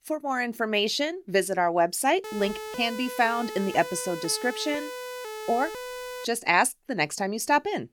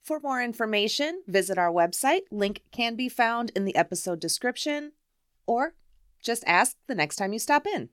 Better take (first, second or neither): second